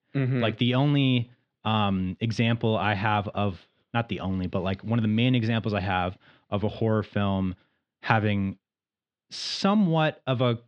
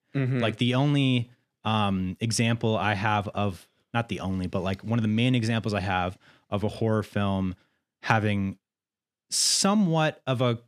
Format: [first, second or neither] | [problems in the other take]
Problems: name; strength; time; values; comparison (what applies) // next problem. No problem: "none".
second | muffled; slightly; fading above 4 kHz